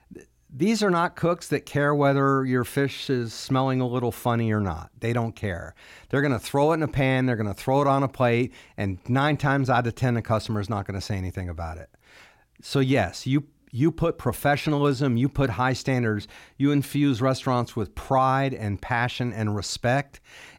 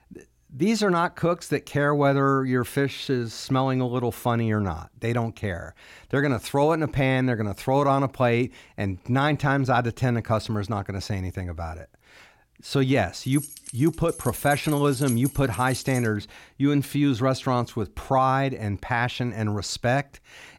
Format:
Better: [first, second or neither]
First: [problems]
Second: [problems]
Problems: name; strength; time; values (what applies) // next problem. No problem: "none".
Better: first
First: none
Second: jangling keys; noticeable; from 13 to 16 s; peak 9 dB below the speech